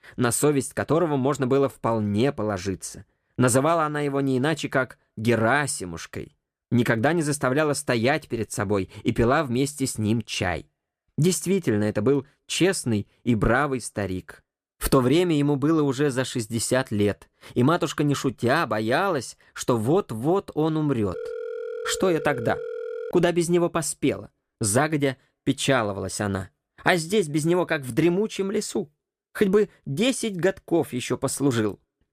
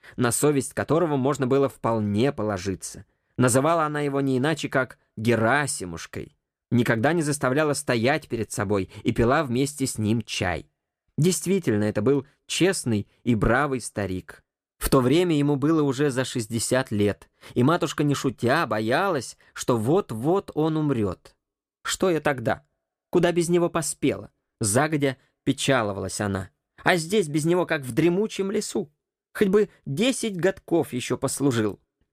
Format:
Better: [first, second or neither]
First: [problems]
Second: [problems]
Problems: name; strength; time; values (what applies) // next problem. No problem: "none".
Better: second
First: phone ringing; noticeable; from 21 to 23 s; peak 9 dB below the speech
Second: none